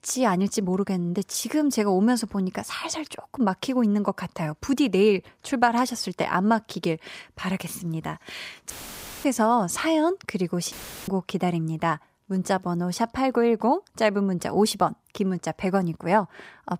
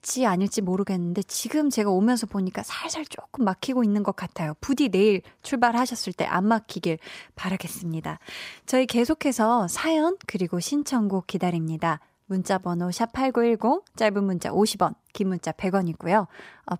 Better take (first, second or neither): second